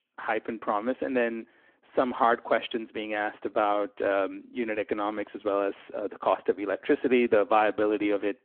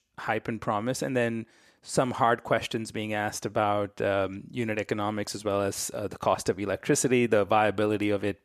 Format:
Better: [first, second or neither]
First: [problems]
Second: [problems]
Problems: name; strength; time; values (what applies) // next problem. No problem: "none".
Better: second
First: phone-call audio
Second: none